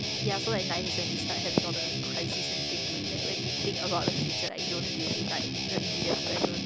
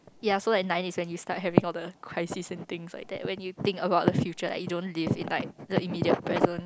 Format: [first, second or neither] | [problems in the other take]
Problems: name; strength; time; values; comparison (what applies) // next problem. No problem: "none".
second | background sound (Guitar); 3 dB above the speech